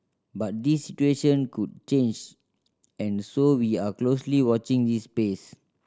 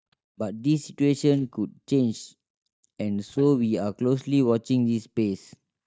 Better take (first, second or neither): first